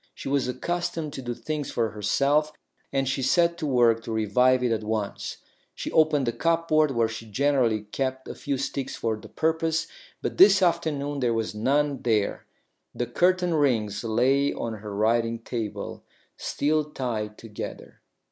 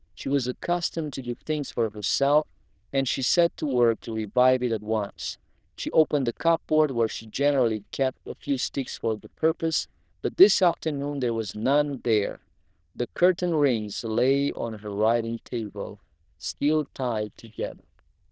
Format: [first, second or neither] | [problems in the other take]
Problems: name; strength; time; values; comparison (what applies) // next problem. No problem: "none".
first | noise reduction (neural diffusion model UNIVERSE++)